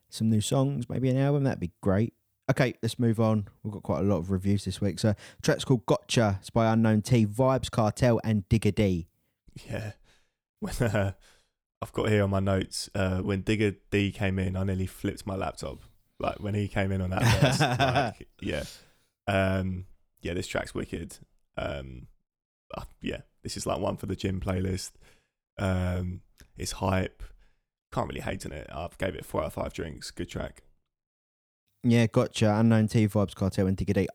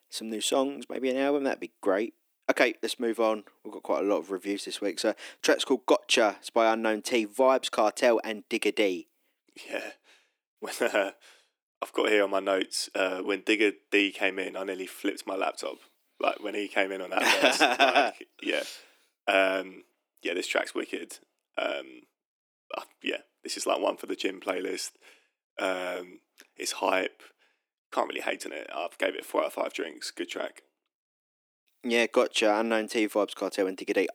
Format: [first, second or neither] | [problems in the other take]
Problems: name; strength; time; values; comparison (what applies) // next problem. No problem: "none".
first | thin; somewhat; fading below 300 Hz